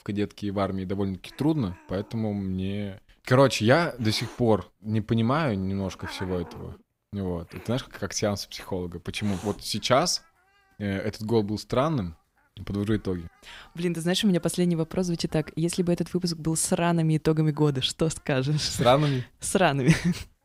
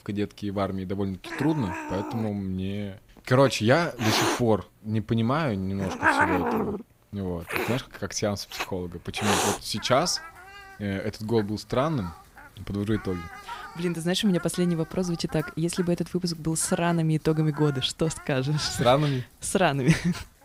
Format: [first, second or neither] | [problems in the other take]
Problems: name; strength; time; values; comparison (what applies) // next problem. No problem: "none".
first | animal sounds; loud; throughout; 4 dB below the speech; faint in the first